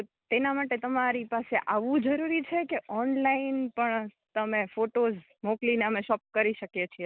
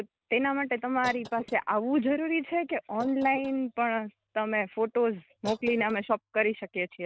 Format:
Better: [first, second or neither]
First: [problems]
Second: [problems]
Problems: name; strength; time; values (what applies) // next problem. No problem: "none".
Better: first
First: none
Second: noise reduction (neural mask model RNNoise)